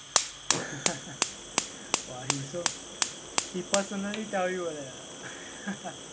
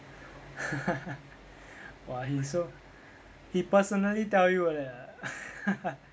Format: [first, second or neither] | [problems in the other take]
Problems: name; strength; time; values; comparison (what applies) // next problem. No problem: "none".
second | background sound (Fire); 4 dB above the speech